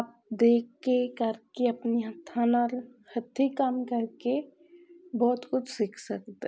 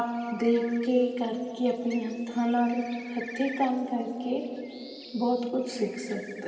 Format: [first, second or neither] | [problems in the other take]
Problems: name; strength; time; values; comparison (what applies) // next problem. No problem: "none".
first | background sound (Bird); 19 dB below the speech // room echo; dies away in 2.6 s